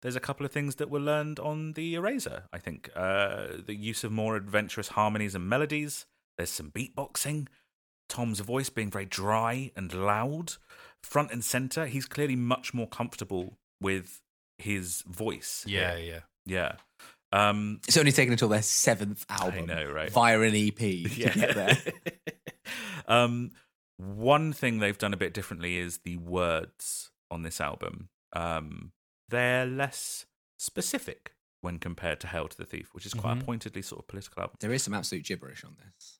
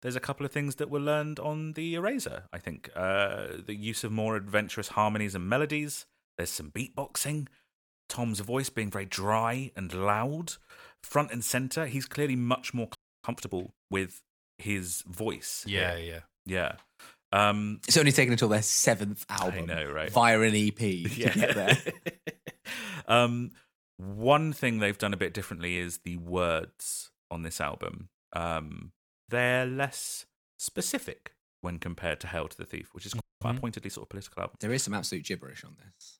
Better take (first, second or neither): first